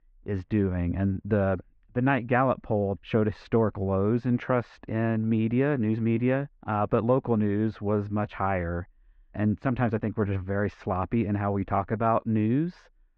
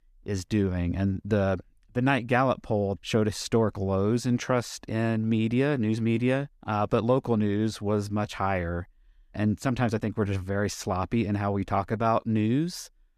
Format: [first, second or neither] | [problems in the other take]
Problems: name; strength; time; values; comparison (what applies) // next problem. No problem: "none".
second | muffled; very; fading above 2.5 kHz